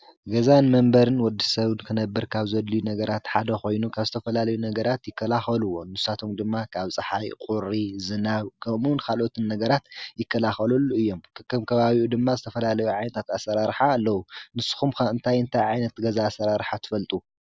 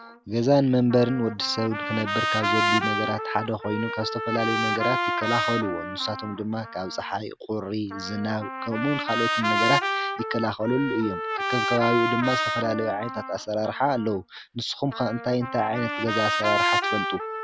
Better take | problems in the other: first | background sound (Trumpet); 2 dB below the speech

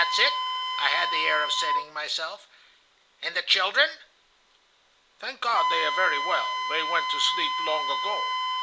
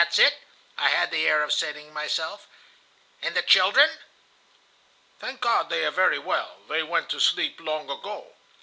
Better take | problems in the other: second | background sound (Wind instrument, woodwind instrument); 2 dB below the speech

